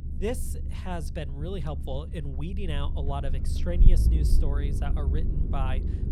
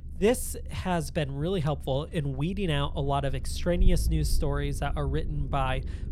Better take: second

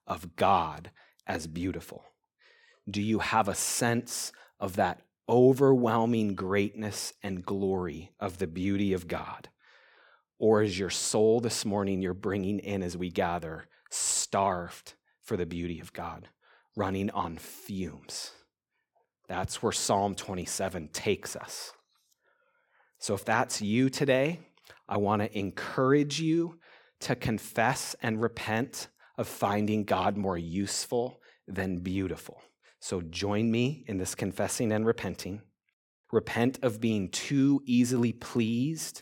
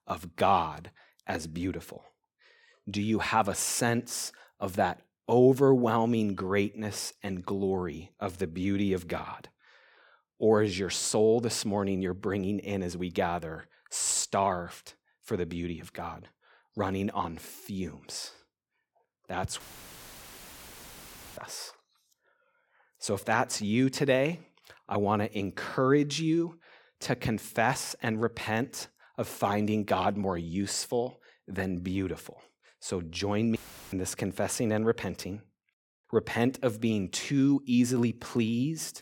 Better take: first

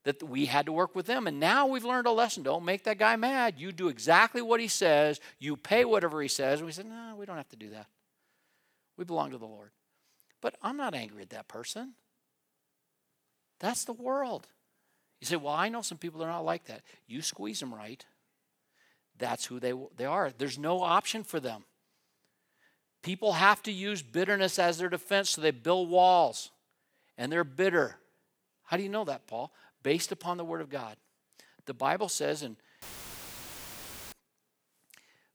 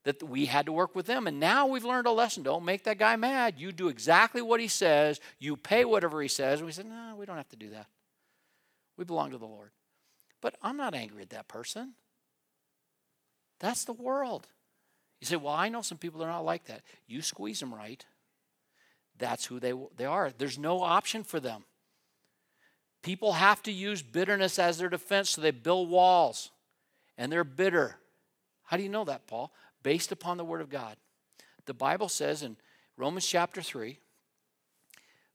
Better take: second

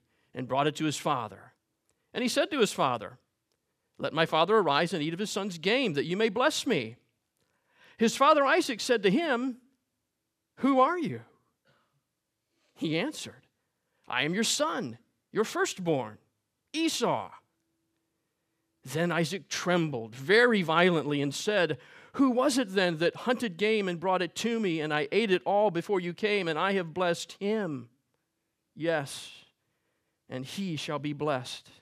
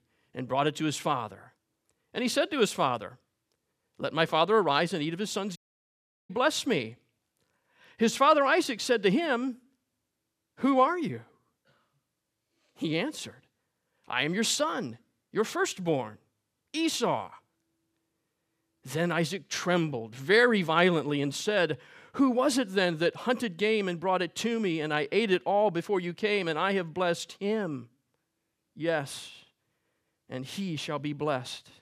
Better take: first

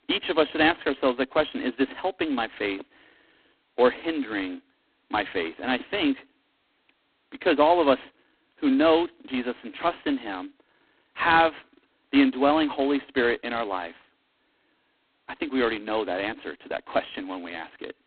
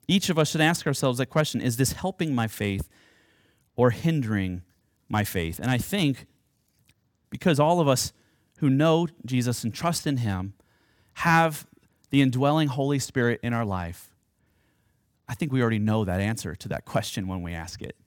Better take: second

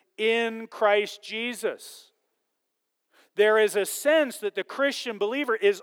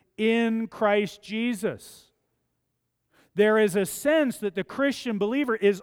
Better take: second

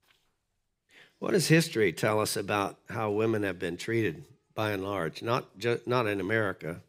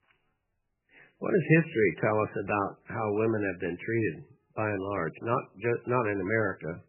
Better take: first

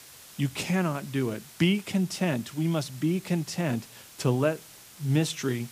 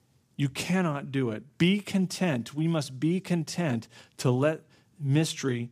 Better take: second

